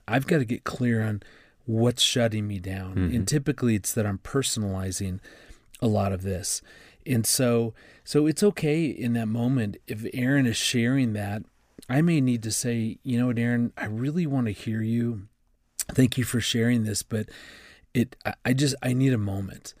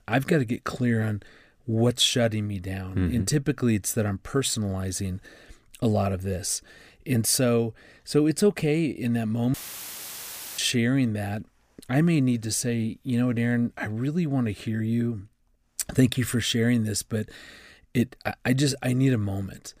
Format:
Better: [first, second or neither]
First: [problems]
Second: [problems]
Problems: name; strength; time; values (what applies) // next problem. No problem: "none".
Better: first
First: none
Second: audio cutting out; filled with static; at 9.5 s for 1 s